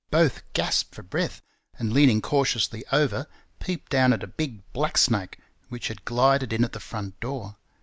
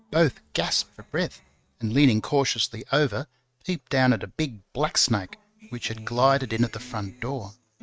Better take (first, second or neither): first